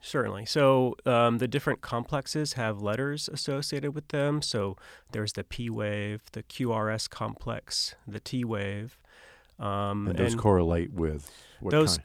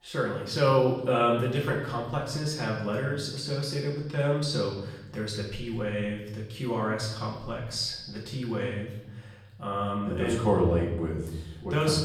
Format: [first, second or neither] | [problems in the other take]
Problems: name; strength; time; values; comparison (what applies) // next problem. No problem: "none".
first | room echo; noticeable; dies away in 1 s // off-mic speech; far